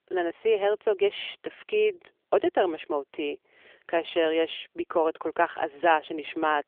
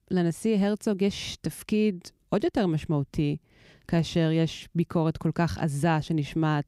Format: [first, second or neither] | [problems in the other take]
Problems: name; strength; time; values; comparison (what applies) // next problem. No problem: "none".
second | phone-call audio; nothing above 3.5 kHz